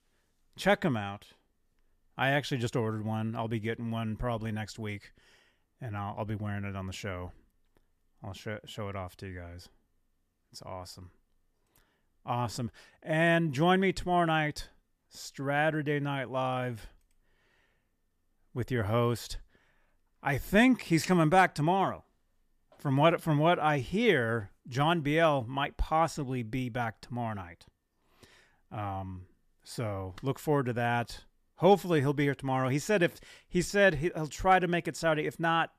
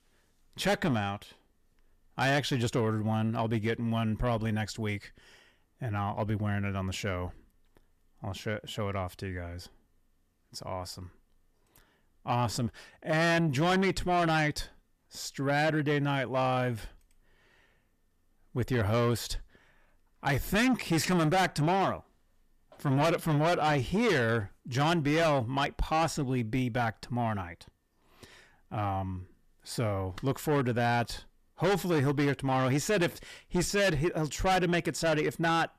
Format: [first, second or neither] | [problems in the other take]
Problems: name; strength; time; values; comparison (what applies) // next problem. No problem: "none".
first | distortion; heavy; 7 dB below the speech